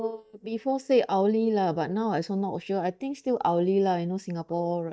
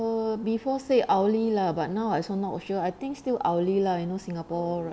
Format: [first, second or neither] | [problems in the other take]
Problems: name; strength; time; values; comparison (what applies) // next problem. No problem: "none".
second | noise reduction (neural mask model DeepFilterNet 3)